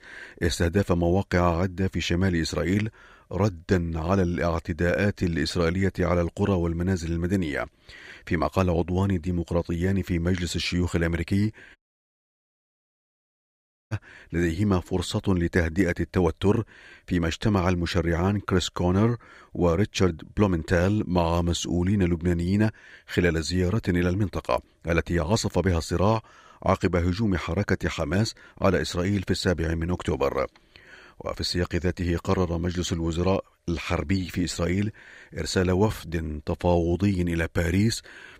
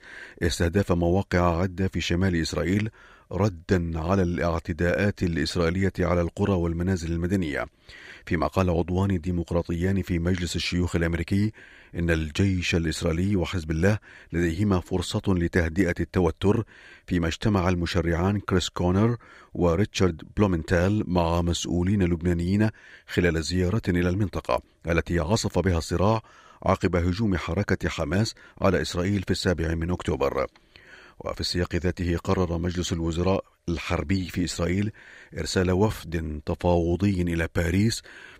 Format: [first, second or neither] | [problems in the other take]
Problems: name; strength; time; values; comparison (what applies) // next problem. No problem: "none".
second | audio cutting out; at 12 s for 2 s